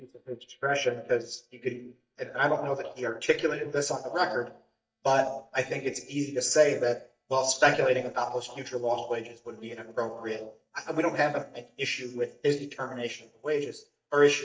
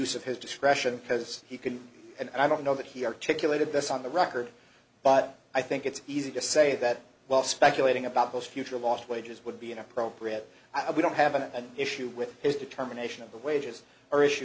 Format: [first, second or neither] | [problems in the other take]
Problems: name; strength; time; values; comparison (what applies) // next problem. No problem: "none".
second | noise reduction (neural mask model DeepFilterNet 3)